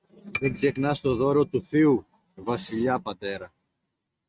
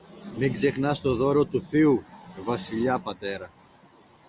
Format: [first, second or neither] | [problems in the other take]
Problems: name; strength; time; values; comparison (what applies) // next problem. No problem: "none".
second | noise reduction (neural mask model RNNoise)